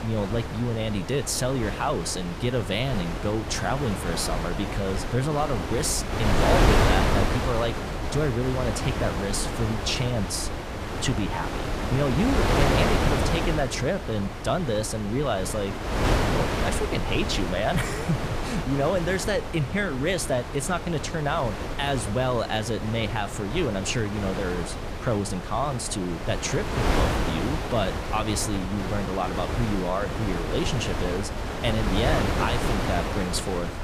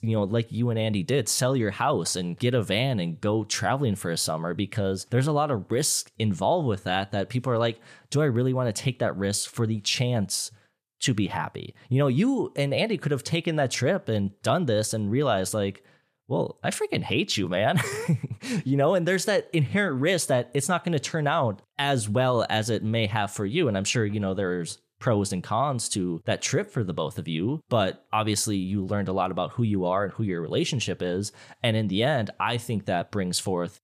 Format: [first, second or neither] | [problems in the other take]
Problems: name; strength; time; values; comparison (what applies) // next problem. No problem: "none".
second | wind noise on the microphone; heavy; 1 dB below the speech